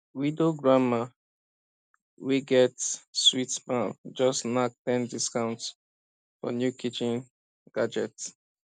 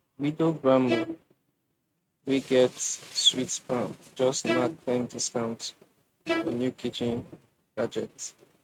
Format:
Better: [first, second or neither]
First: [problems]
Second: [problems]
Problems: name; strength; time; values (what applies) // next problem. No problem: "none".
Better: first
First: none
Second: noise reduction (neural mask model RNNoise)